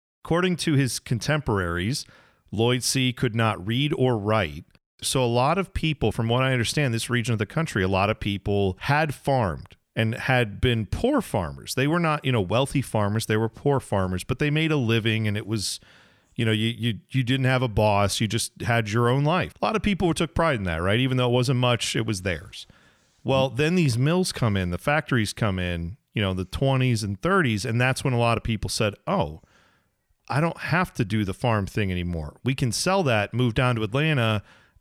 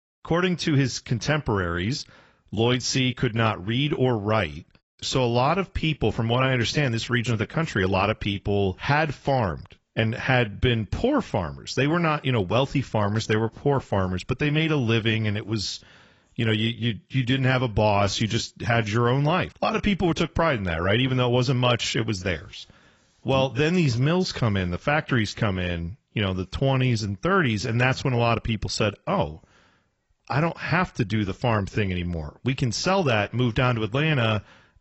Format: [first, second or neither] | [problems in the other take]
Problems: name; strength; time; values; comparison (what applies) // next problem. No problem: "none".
first | garbled, watery; badly; nothing above 7.5 kHz